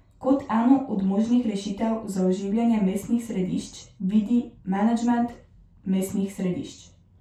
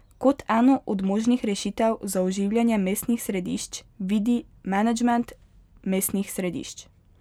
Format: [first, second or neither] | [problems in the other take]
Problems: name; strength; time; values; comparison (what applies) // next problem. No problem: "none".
second | room echo; dies away in 0.3 s